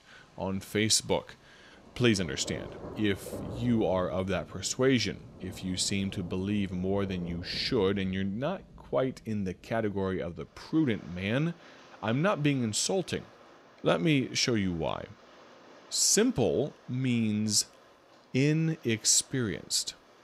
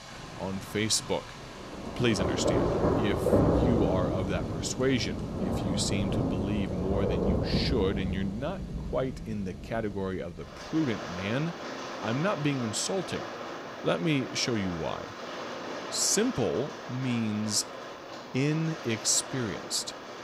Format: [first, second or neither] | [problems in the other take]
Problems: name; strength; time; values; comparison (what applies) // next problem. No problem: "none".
first | rain or running water; loud; throughout; 3 dB below the speech; faint in the first